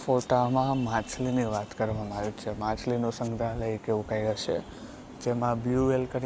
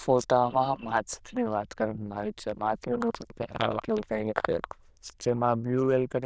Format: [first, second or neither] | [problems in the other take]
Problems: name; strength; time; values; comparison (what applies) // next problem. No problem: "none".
first | noise reduction (neural diffusion model UNIVERSE++)